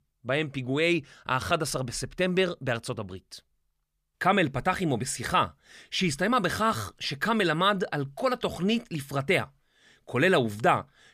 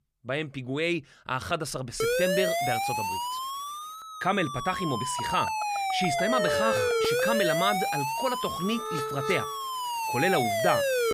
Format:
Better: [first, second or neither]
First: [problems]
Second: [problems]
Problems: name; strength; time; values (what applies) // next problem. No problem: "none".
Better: first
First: none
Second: siren; loud; from 2 s on; peak 5 dB above the speech